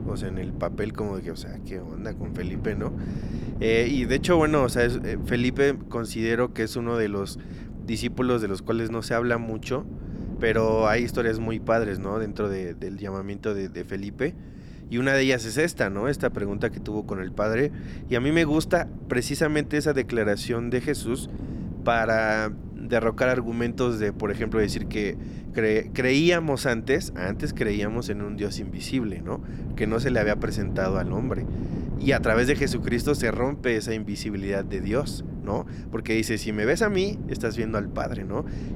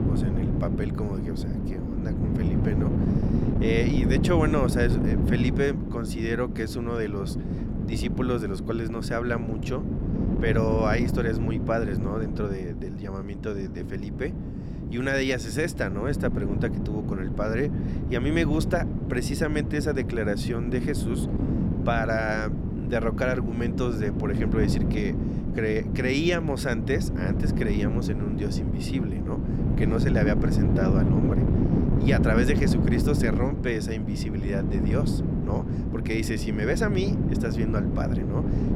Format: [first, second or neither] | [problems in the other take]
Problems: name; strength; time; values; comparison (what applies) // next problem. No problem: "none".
first | wind noise on the microphone; heavy; 4 dB below the speech; occasional gusts in the first